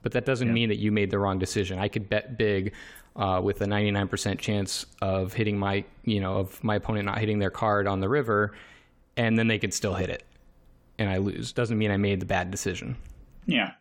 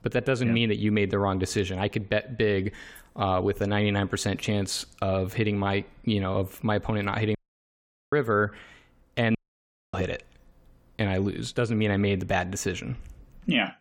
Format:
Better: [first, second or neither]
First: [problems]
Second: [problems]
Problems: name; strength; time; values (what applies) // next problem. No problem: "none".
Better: first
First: none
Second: audio cutting out; at 7.5 s for 1 s and at 9.5 s for 0.5 s